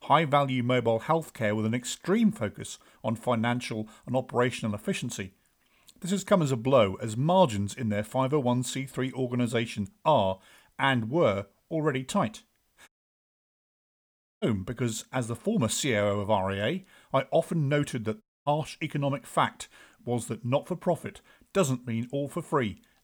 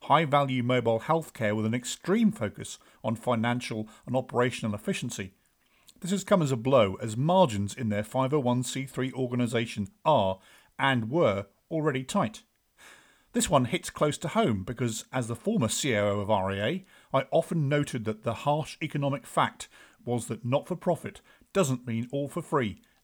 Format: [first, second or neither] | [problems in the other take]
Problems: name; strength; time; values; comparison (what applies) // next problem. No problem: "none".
second | audio cutting out; at 13 s for 1.5 s and at 18 s